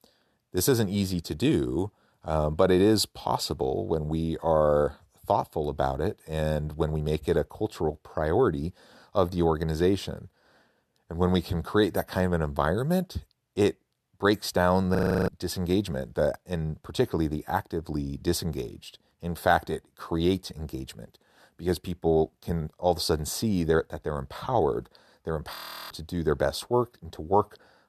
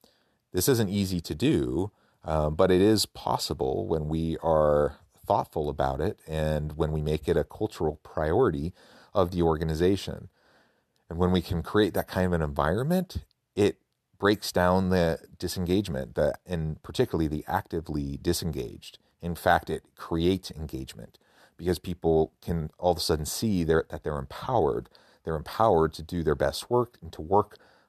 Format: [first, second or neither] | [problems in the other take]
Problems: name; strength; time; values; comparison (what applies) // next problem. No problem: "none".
second | audio freezing; at 15 s and at 26 s